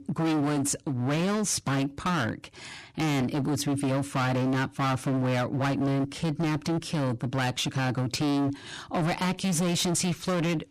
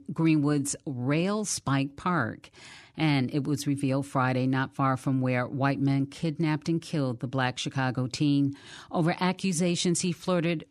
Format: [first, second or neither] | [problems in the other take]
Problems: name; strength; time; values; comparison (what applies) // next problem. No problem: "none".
second | distortion; heavy; 30% of the sound clipped